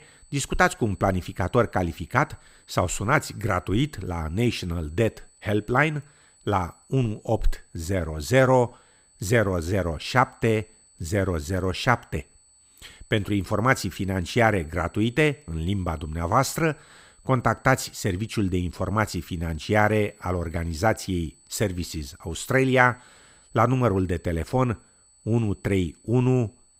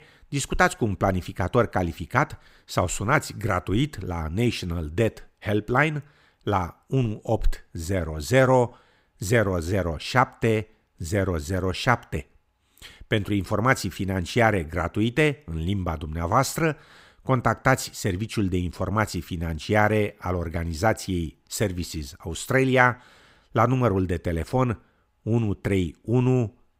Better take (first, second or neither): second